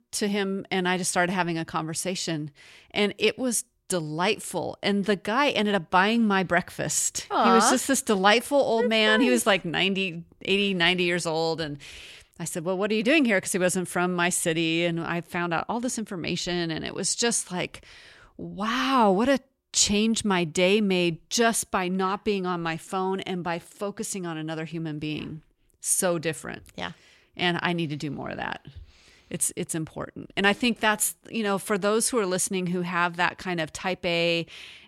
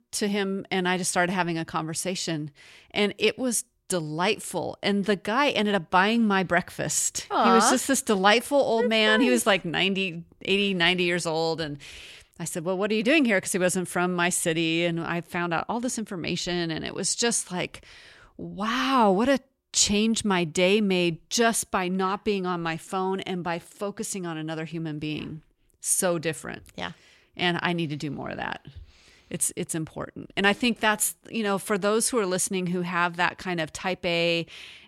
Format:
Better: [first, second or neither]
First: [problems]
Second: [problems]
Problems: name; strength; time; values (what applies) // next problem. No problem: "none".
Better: neither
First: none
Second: none